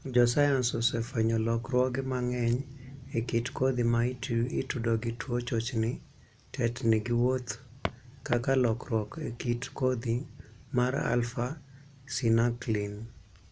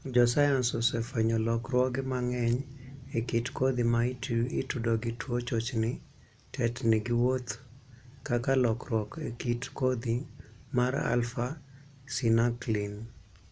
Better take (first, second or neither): second